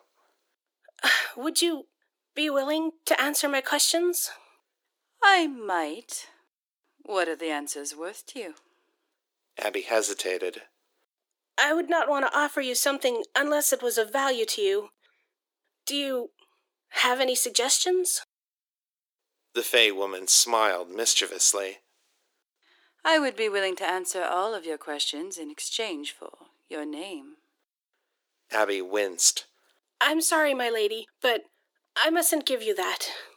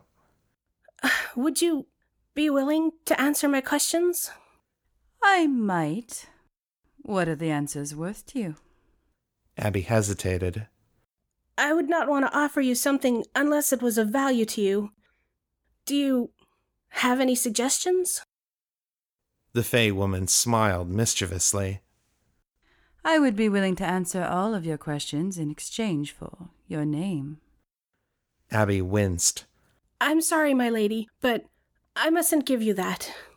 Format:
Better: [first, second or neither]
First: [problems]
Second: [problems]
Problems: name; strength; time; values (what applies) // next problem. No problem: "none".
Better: second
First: thin; somewhat; fading below 350 Hz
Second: none